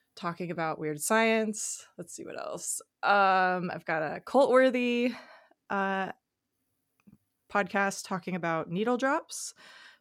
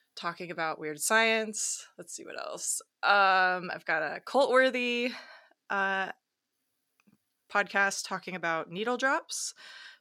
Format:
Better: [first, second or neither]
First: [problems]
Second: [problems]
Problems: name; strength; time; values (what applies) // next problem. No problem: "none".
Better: first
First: none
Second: thin; very slightly; fading below 750 Hz